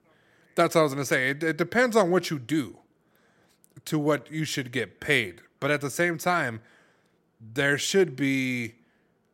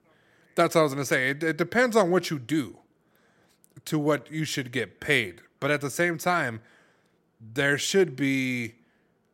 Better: neither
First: none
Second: none

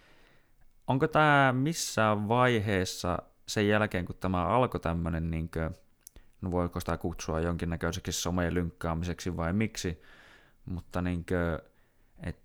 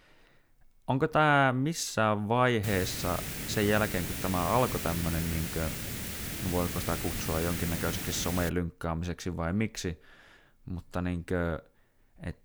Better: first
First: none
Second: hiss; loud; from 2.5 to 8.5 s; 5 dB below the speech

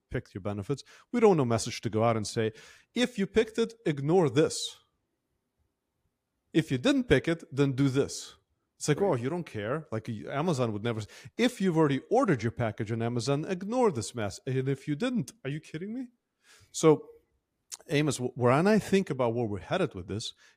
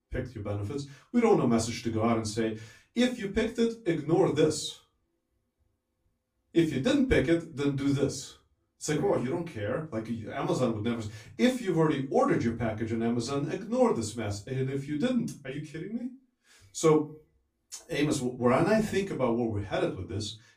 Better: first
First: none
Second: off-mic speech; far // room echo; very slight; dies away in 0.2 s

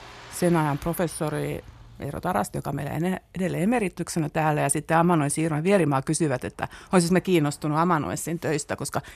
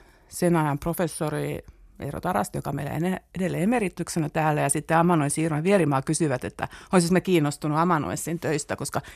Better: second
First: traffic noise; faint; throughout; 25 dB below the speech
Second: none

